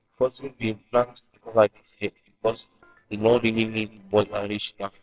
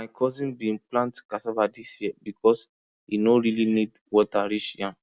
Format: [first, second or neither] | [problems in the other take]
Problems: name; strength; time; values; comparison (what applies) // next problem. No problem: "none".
second | noise reduction (neural separator model SepFormer WHAMR!)